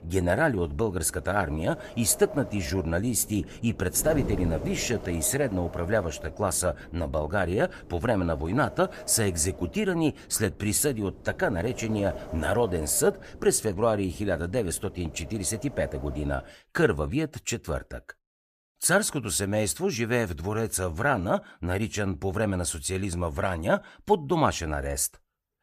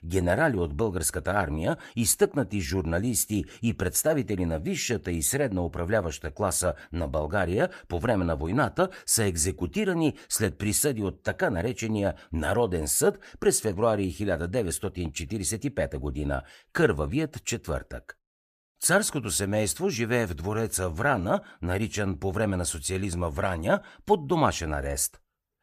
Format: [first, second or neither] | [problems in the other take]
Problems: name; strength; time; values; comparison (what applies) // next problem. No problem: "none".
second | wind noise on the microphone; occasional gusts; until 17 s; 15 dB below the speech